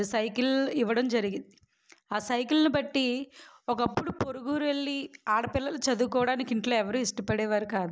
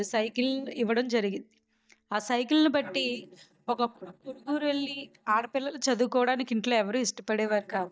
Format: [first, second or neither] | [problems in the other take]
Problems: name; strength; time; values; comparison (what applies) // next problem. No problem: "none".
first | noise reduction (neural mask model DeepFilterNet 3)